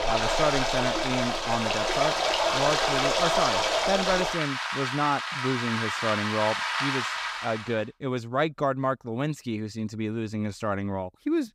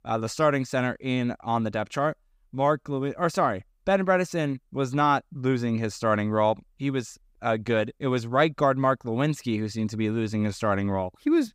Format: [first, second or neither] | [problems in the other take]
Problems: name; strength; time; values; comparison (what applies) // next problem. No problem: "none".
second | rain or running water; very loud; until 7.5 s; 3 dB above the speech